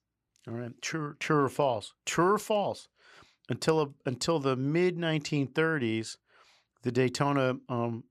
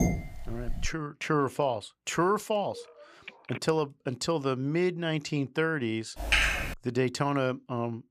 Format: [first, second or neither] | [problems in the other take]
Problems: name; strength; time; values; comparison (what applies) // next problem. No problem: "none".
first | clattering dishes; loud; at the start; peak level with the speech // phone ringing; faint; at 2.5 s; peak 15 dB below the speech // keyboard typing; loud; at 6 s; peak 6 dB above the speech